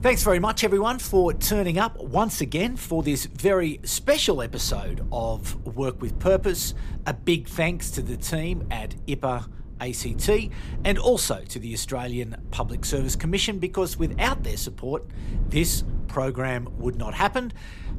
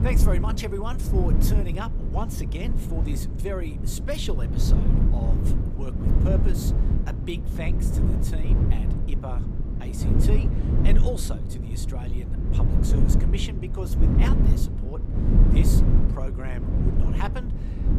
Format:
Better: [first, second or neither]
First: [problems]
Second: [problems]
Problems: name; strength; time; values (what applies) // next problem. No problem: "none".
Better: first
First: low rumble; faint; throughout; 20 dB below the speech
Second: low rumble; loud; throughout; as loud as the speech